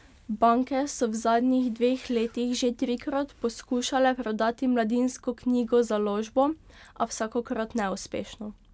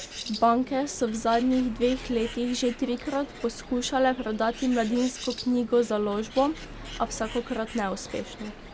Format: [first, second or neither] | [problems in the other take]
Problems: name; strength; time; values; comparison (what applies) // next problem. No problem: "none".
first | background sound (Bird); 14 dB below the speech